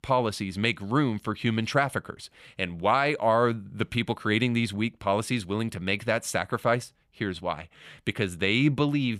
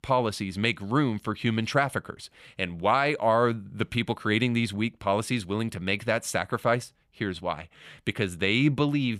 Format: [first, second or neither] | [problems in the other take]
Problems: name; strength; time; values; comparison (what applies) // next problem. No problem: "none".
neither | none